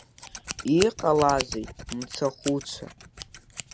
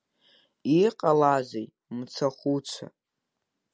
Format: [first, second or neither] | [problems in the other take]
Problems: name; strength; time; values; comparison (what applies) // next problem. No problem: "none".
second | background sound (Scissors); 11 dB below the speech